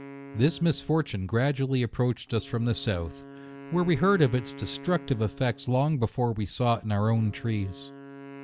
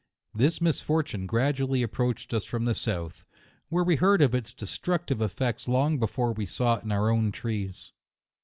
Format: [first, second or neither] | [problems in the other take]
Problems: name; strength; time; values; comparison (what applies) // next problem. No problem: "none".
second | background sound (Wind instrument, woodwind instrument); 18 dB below the speech